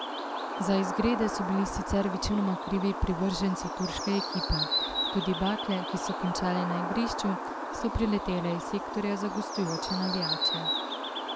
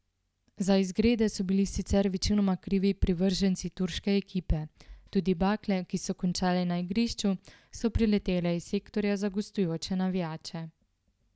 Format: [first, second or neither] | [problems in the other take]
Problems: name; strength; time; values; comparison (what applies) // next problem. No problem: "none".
second | background sound (Bird); 3 dB below the speech